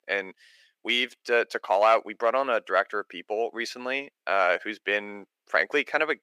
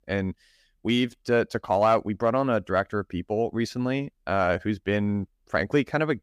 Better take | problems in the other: second | thin; very; fading below 450 Hz

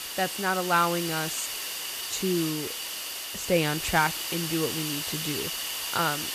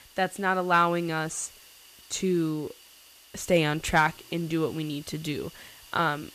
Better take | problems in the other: second | hiss; loud; throughout; 2 dB below the speech; faint in the second

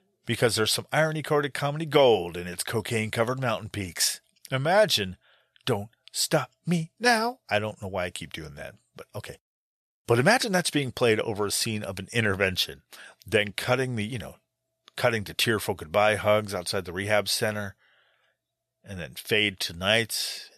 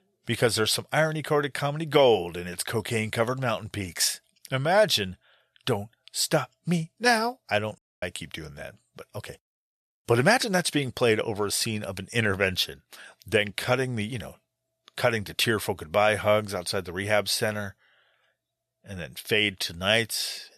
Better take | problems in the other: first | audio cutting out; at 8 s

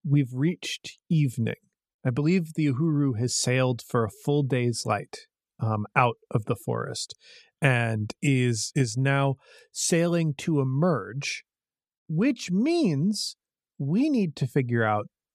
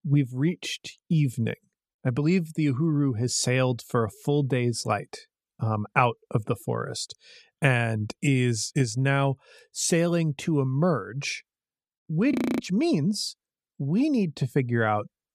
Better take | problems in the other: first | audio freezing; at 12 s

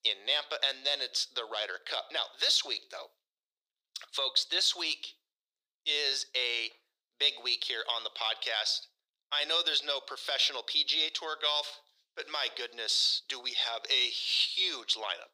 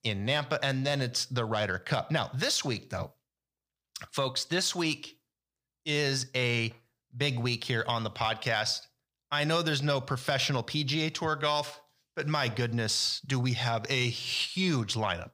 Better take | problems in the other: second | thin; very; fading below 400 Hz

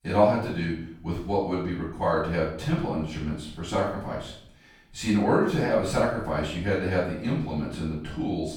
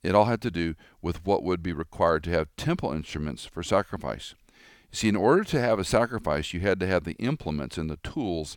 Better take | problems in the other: second | room echo; noticeable; dies away in 0.5 s // off-mic speech; far

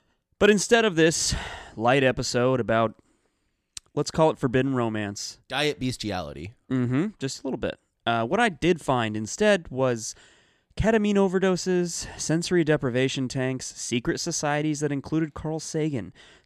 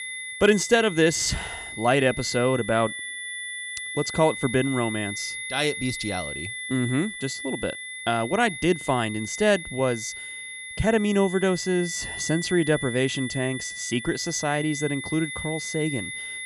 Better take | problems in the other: first | high-pitched whine; loud; throughout; 2 kHz, 8 dB below the speech

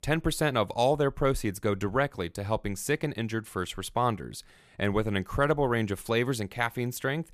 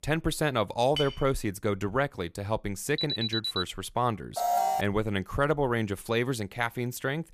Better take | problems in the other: first | clattering dishes; noticeable; at 1 s; peak 5 dB below the speech // alarm; loud; at 3 s and at 4.5 s; peak 3 dB above the speech

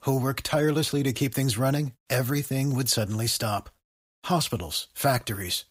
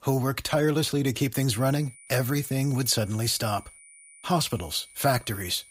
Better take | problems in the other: first | high-pitched whine; faint; from 1.5 s on; 9.5 kHz, 20 dB below the speech

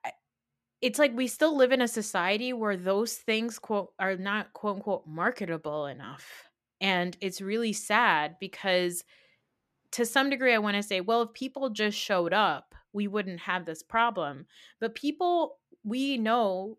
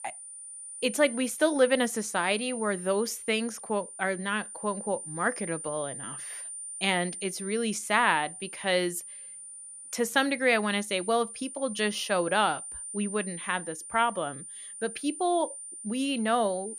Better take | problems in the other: first | high-pitched whine; loud; throughout; 9 kHz, 10 dB below the speech

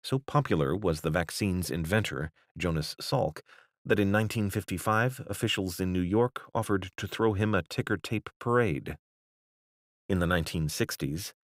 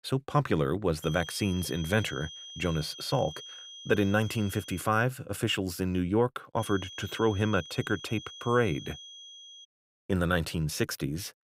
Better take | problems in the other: first | high-pitched whine; noticeable; from 1 to 5 s and from 6.5 to 9.5 s; 3.5 kHz, 15 dB below the speech

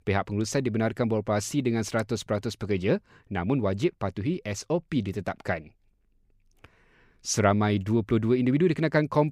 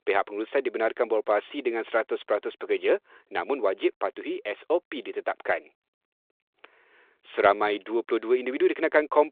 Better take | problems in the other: first | phone-call audio; nothing above 3.5 kHz

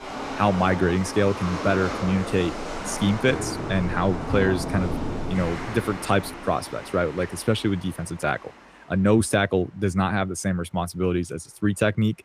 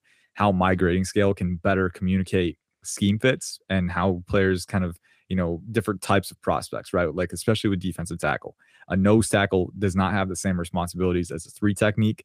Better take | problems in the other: second | rain or running water; loud; throughout; 7 dB below the speech

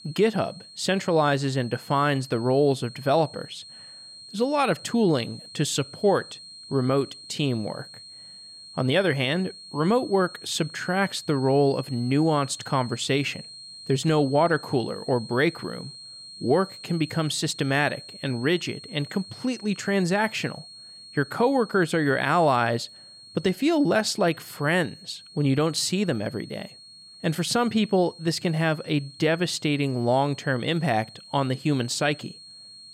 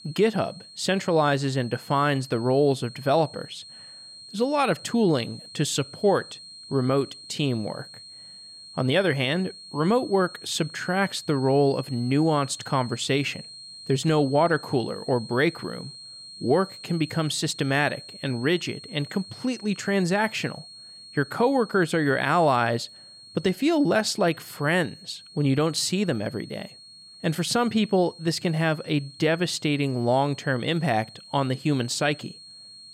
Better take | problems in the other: neither | high-pitched whine; noticeable; throughout; 4 kHz, 15 dB below the speech; the same in both

